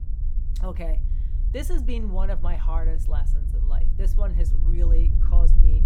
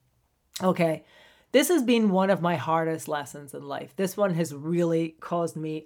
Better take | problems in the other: second | low rumble; loud; throughout; 8 dB below the speech

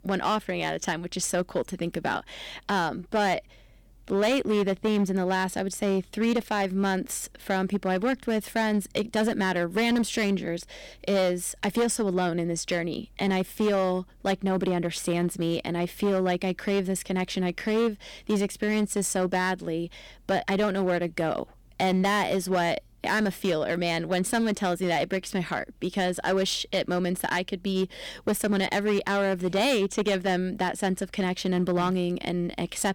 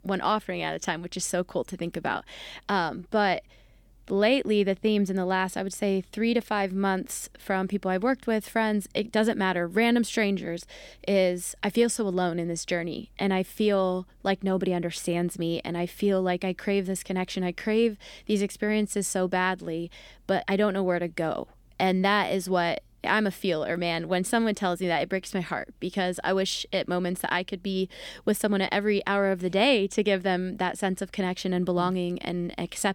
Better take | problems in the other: second | distortion; slight; 10% of the sound clipped

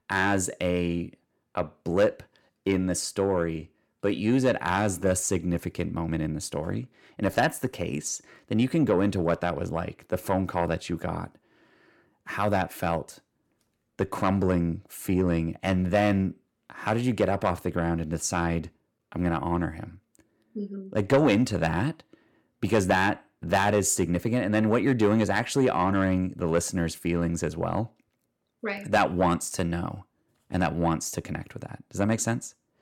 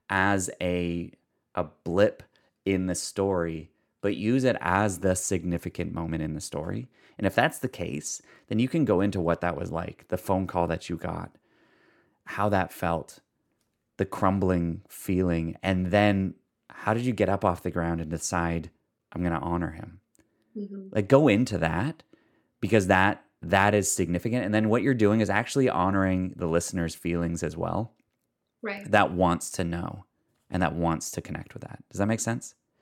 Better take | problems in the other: second | distortion; slight; 10 dB below the speech

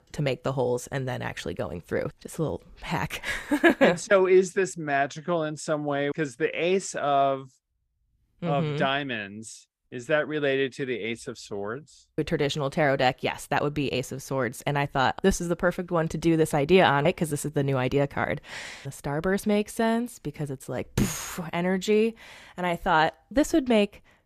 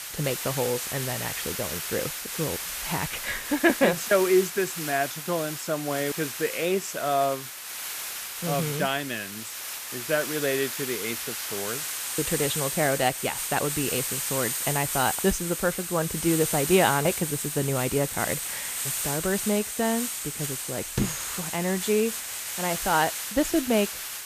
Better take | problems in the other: first | hiss; loud; throughout; 3 dB below the speech

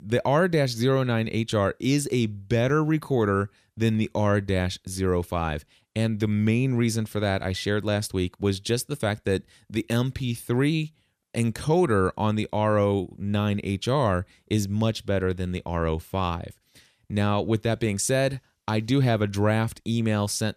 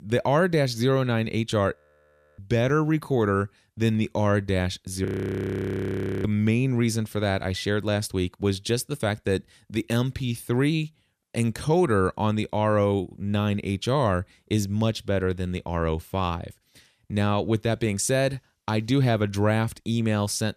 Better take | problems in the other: first | audio freezing; at 2 s for 0.5 s and at 5 s for 1 s

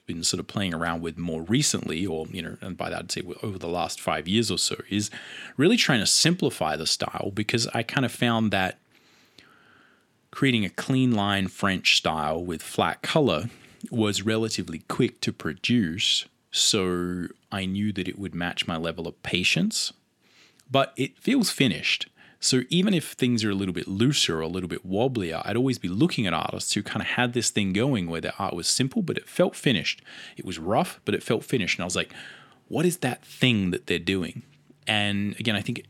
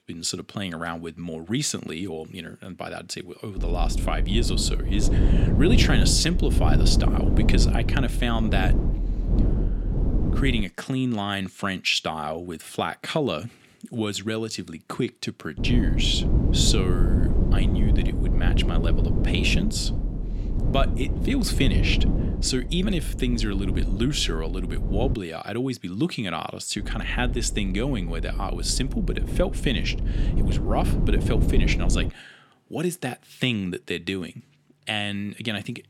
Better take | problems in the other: first | low rumble; loud; from 3.5 to 11 s, from 16 to 25 s and from 27 to 32 s; 7 dB below the speech

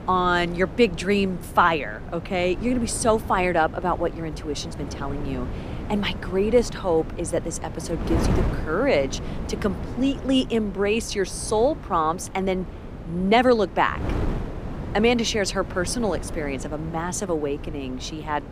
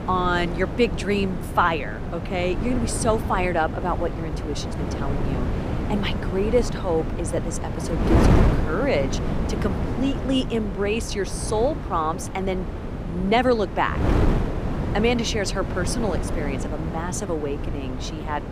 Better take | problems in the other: first | wind noise on the microphone; heavy; 7 dB below the speech; occasional gusts in the first

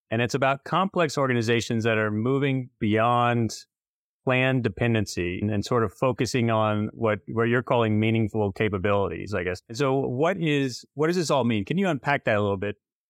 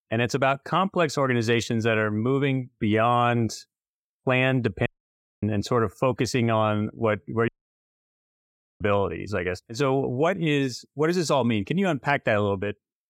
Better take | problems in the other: first | audio cutting out; at 5 s for 0.5 s and at 7.5 s for 1.5 s

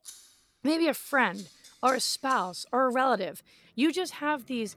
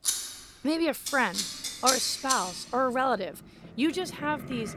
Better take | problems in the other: first | household noises; loud; throughout; 3 dB below the speech; faint in the first

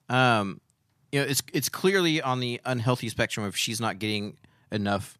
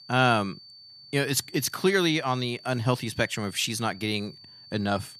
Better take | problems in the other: first | high-pitched whine; noticeable; throughout; 4.5 kHz, 20 dB below the speech

